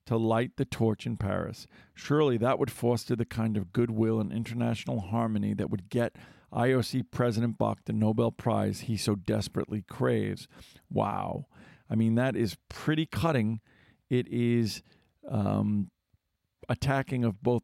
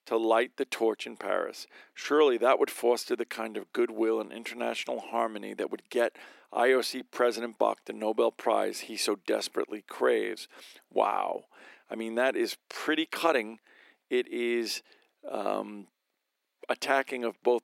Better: first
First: none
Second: thin; very; fading below 350 Hz

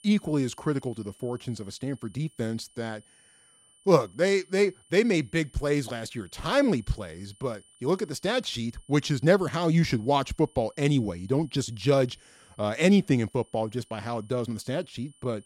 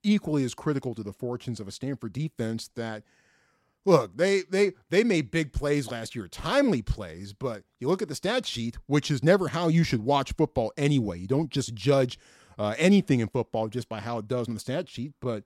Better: second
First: high-pitched whine; faint; throughout; 9 kHz, 30 dB below the speech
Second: none

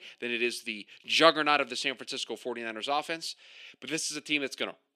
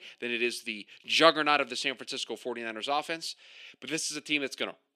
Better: neither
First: thin; very slightly; fading below 250 Hz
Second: thin; very slightly; fading below 250 Hz

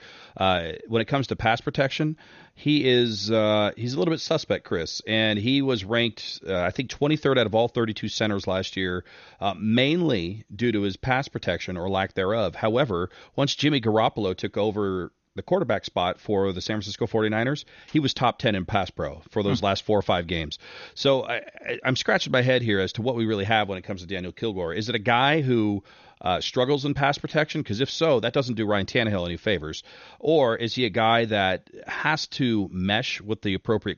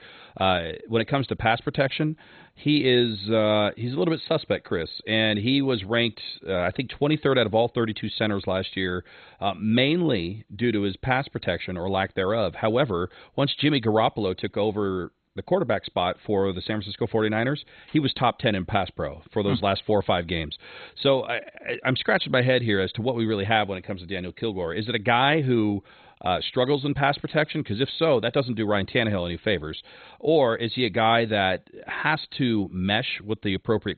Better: first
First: garbled, watery; slightly; nothing above 6.5 kHz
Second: garbled, watery; badly; nothing above 4 kHz

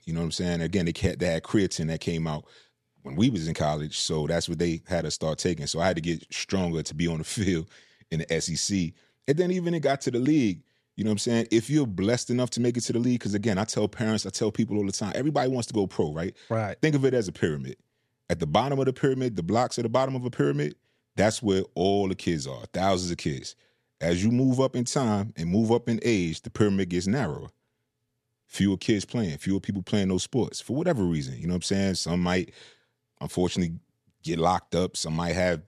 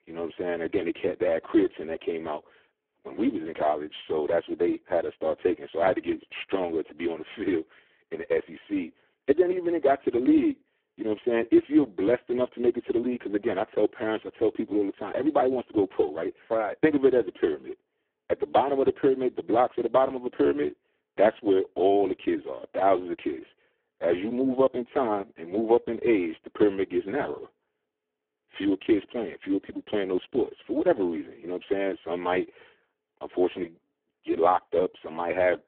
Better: first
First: none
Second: phone-call audio; poor line

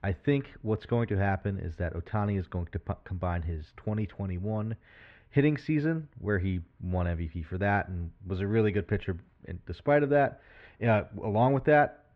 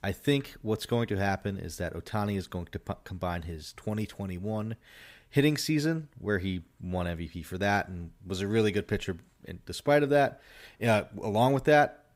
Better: second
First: muffled; very; fading above 2.5 kHz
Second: none

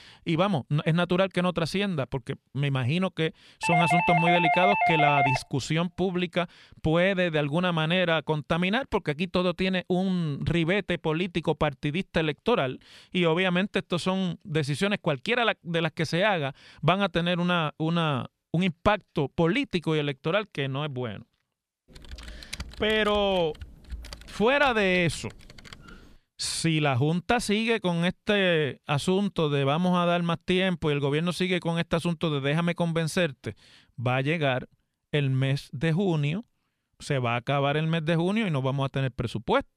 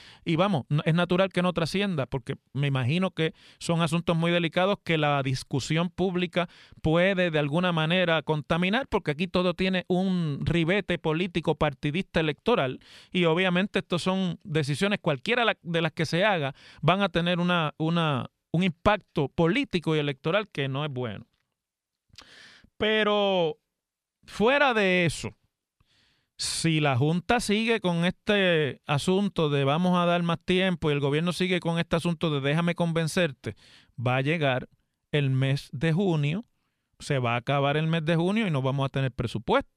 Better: second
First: doorbell; loud; from 3.5 to 5.5 s; peak 4 dB above the speech // keyboard typing; faint; from 22 to 26 s; peak 10 dB below the speech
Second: none

